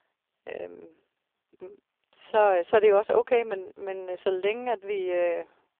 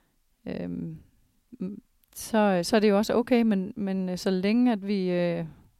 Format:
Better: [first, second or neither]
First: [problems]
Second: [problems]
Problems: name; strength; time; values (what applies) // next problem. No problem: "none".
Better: second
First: phone-call audio; poor line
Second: none